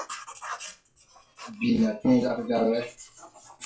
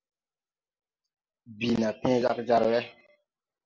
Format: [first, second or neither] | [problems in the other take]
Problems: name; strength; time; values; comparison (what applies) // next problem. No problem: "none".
second | noise reduction (classical method WPE with log-MMSE)